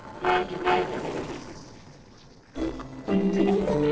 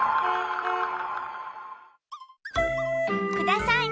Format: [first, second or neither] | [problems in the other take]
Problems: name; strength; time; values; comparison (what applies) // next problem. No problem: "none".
second | noise reduction (neural separator model SepFormer DNS4)